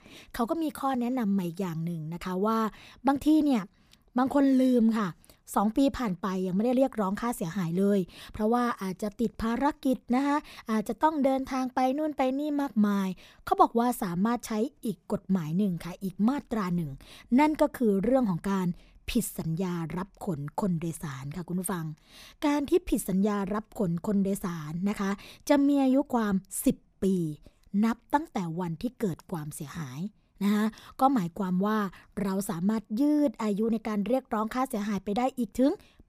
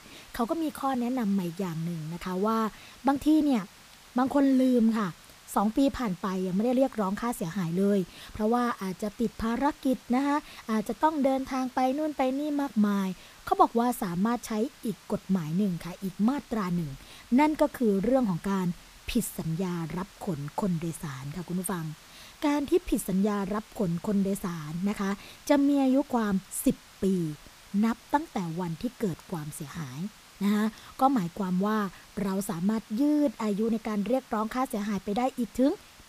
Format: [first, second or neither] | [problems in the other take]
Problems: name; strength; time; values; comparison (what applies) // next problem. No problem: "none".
first | hiss; faint; throughout; 20 dB below the speech